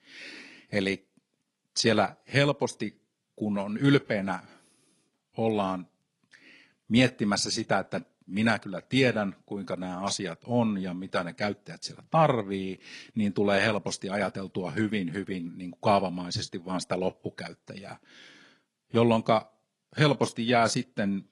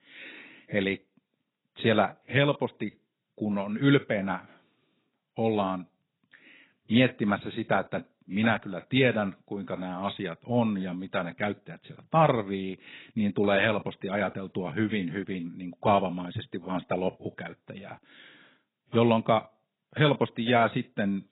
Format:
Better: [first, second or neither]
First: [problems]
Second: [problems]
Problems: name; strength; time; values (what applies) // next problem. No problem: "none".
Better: first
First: garbled, watery; slightly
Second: garbled, watery; badly; nothing above 4 kHz